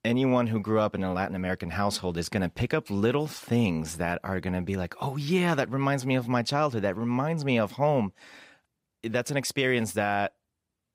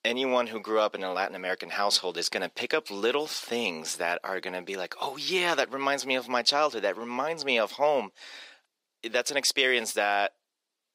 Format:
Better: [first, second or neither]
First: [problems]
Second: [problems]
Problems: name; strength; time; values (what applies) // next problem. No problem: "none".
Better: first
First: none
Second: thin; somewhat; fading below 350 Hz